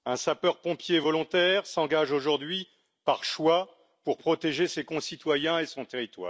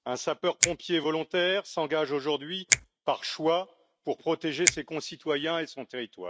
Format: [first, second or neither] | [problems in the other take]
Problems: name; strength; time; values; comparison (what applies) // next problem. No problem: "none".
first | noise reduction (neural mask model RNNoise)